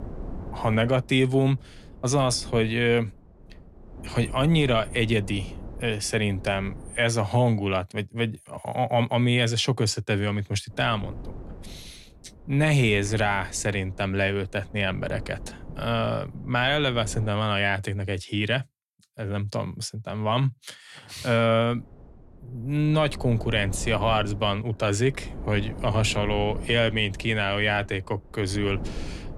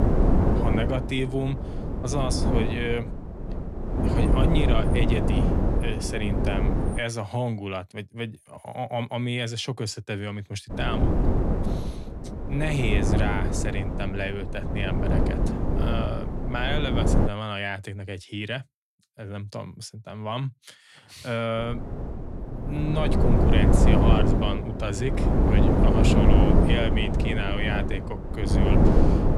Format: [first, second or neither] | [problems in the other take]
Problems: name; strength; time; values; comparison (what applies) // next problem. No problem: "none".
first | wind noise on the microphone; heavy; until 7 s, from 11 to 17 s and from 22 s on; 1 dB above the speech; occasional gusts in the first